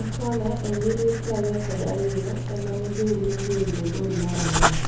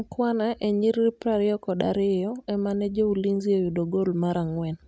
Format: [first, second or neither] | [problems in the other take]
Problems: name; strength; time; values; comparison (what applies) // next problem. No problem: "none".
second | background sound (Writing); 1 dB below the speech // room echo; dies away in 0.6 s